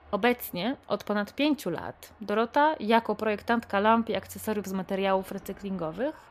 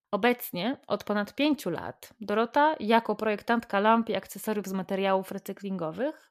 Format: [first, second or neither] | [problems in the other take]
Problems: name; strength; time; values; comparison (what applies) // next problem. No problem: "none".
second | traffic noise; faint; throughout; 25 dB below the speech